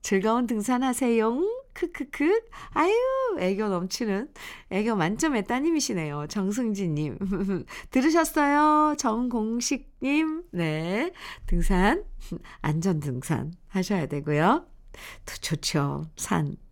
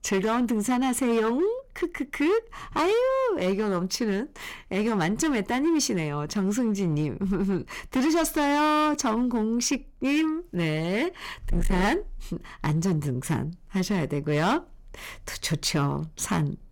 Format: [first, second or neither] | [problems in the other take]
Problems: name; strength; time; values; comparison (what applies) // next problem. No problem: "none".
first | distortion; slight; 11% of the sound clipped